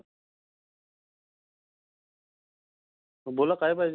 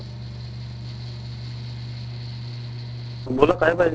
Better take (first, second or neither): first